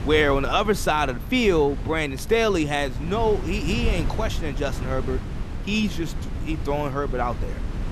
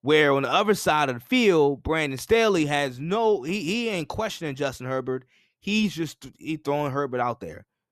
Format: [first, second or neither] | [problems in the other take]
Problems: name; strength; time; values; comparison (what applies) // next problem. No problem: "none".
second | wind noise on the microphone; occasional gusts; 15 dB below the speech